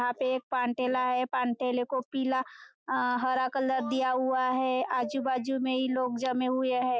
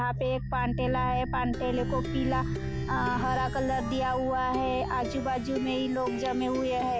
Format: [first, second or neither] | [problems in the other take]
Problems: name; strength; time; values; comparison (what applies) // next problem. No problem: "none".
first | background sound (Plucked string instrument); 4 dB below the speech